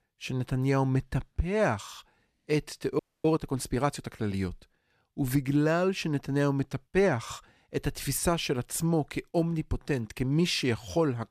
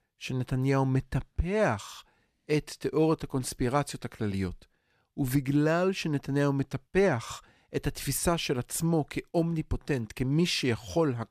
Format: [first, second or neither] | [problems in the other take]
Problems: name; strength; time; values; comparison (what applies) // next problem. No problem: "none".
second | audio freezing; at 3 s